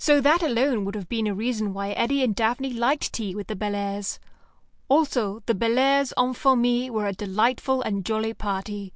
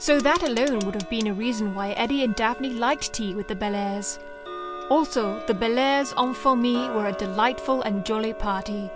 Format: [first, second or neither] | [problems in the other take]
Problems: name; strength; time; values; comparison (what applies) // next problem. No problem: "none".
first | background sound (Tick-tock); 12 dB below the speech